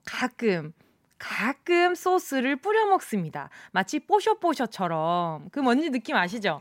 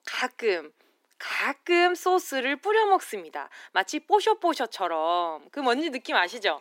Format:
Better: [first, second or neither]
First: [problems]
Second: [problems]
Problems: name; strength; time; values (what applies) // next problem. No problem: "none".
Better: first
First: none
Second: thin; somewhat; fading below 300 Hz